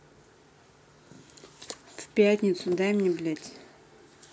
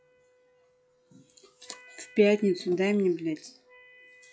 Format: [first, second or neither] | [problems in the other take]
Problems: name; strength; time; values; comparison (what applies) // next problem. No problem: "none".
first | noise reduction (classical method log-MMSE)